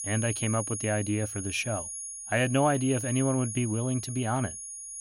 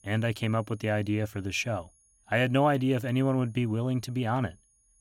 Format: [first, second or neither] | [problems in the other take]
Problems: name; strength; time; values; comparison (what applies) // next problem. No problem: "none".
second | high-pitched whine; loud; throughout; 10.5 kHz, 6 dB below the speech; faint in the second